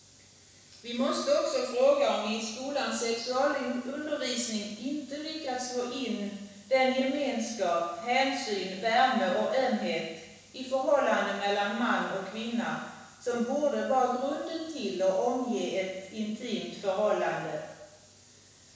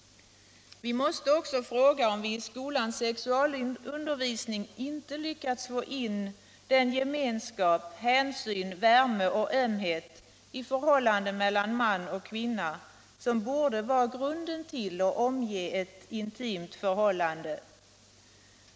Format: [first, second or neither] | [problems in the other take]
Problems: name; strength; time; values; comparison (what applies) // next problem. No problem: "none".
second | room echo; dies away in 1.1 s